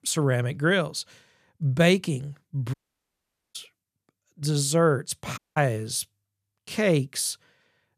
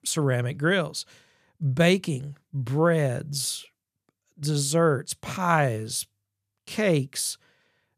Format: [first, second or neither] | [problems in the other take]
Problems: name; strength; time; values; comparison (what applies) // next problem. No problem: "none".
second | audio cutting out; at 2.5 s for 1 s and at 5.5 s